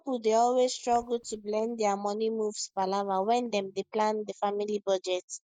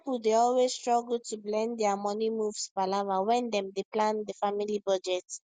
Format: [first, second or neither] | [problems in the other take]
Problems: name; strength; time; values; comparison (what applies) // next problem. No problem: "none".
second | noise reduction (neural mask model DeepFilterNet 3)